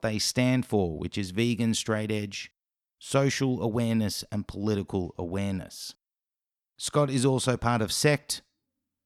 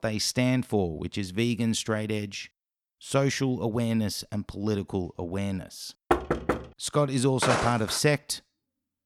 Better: first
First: none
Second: door banging; loud; at 6 s; peak 1 dB above the speech // footsteps; loud; at 7.5 s; peak 1 dB above the speech

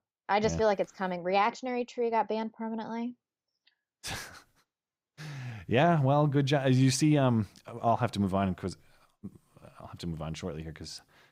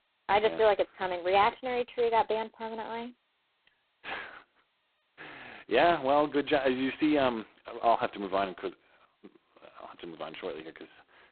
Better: first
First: none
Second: phone-call audio; poor line; nothing above 4 kHz

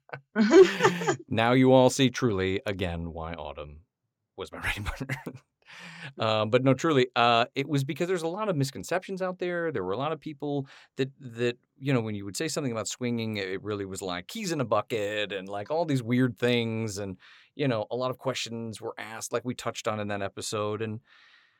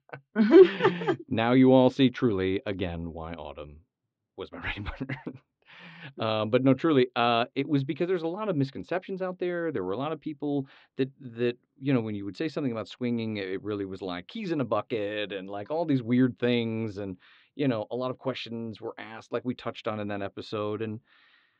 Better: first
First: none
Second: muffled; slightly; fading above 3.5 kHz

